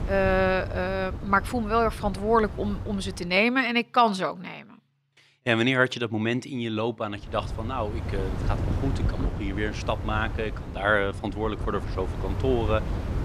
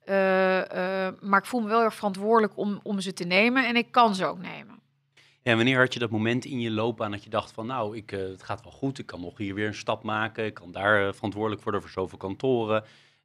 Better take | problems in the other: second | wind noise on the microphone; occasional gusts; until 3.5 s and from 7.5 s on; 15 dB below the speech

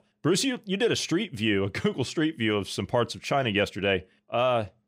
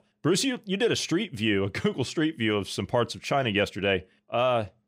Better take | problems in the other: neither | none

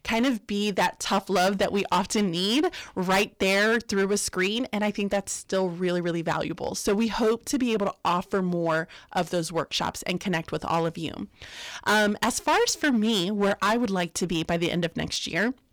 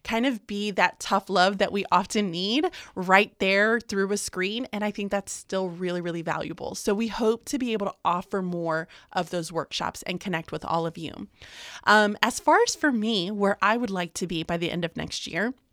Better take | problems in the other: second | distortion; heavy; 9% of the sound clipped

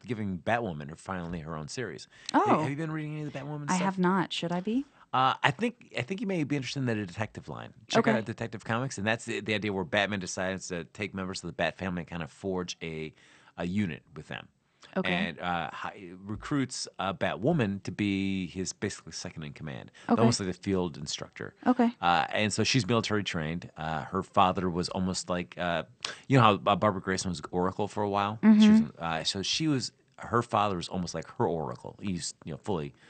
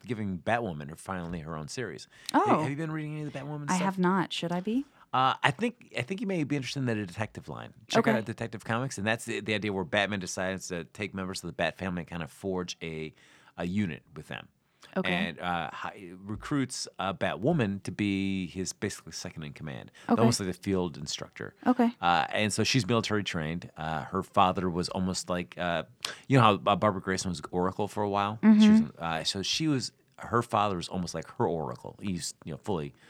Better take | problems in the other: second | garbled, watery; slightly; nothing above 8.5 kHz

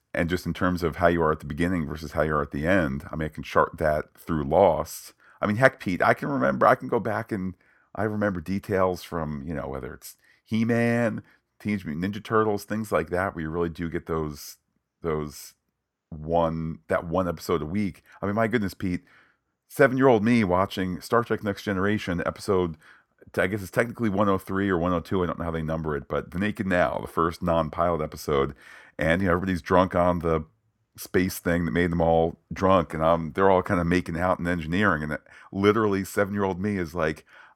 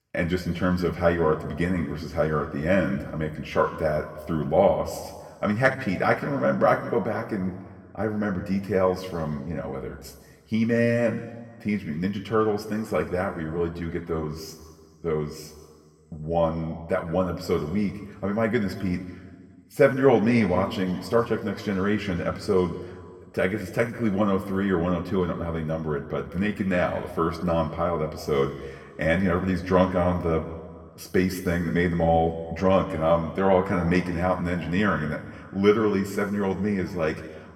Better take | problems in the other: first | room echo; slight; dies away in 1.5 s // off-mic speech; somewhat distant

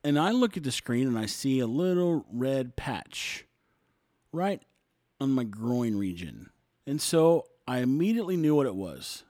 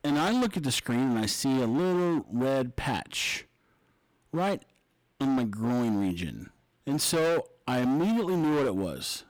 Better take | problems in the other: first | distortion; heavy; 21% of the sound clipped

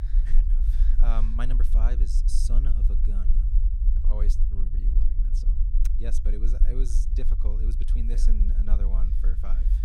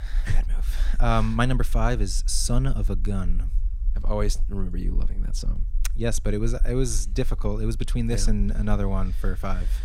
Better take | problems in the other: second | low rumble; loud; throughout; 5 dB below the speech; faint in the second

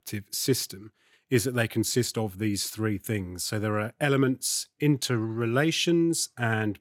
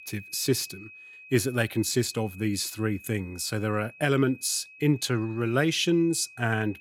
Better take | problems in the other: first | high-pitched whine; noticeable; throughout; 2.5 kHz, 20 dB below the speech

